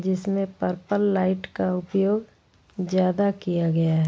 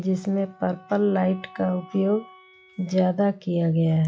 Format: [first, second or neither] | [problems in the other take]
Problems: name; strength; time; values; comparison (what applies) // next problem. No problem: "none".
first | noise reduction (classical method log-MMSE)